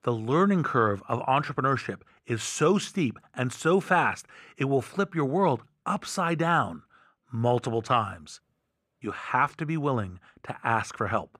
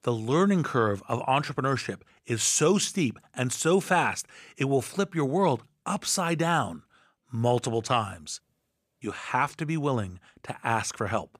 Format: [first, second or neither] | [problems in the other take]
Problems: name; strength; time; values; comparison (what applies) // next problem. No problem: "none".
second | muffled; slightly; fading above 3.5 kHz